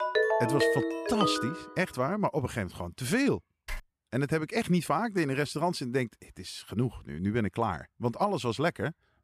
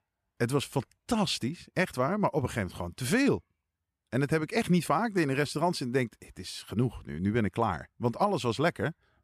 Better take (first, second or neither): second